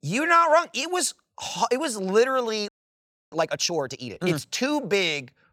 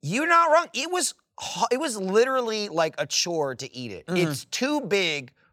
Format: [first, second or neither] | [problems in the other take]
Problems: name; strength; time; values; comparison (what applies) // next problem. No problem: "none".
second | audio freezing; at 2.5 s for 0.5 s